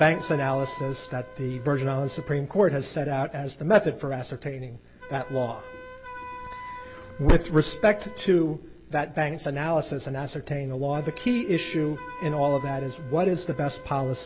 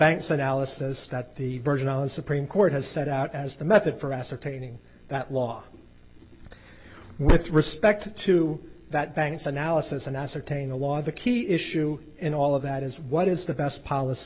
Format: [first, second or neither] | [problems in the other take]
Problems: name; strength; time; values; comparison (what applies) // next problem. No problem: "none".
second | background sound (Wind instrument, woodwind instrument); 17 dB below the speech